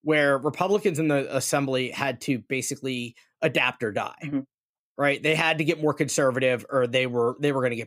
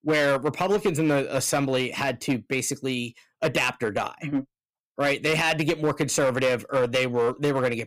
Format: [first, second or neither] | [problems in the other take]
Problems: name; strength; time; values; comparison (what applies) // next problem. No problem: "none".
first | distortion; slight; 8% of the sound clipped